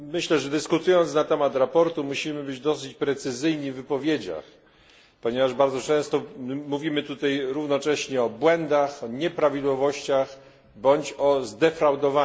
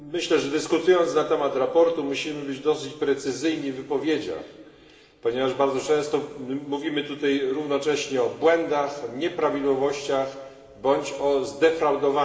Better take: first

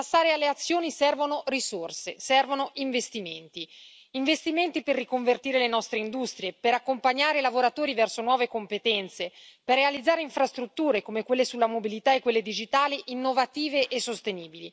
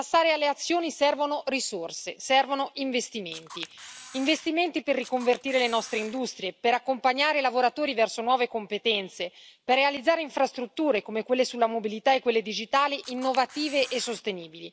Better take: first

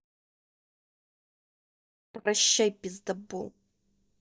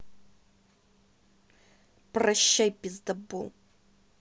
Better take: second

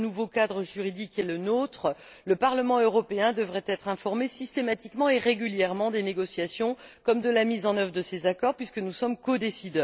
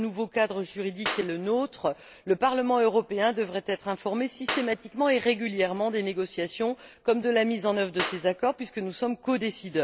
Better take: first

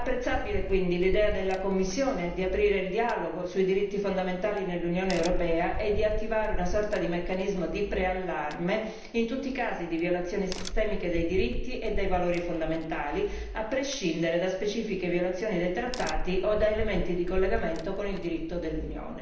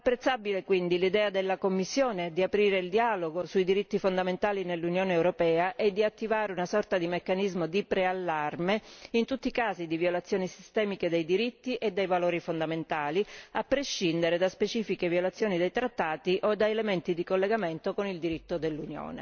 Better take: second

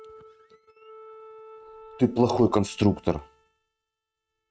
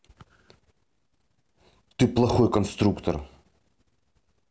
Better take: second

